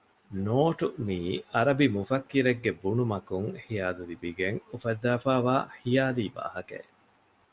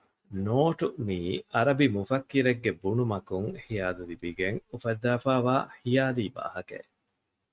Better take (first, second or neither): first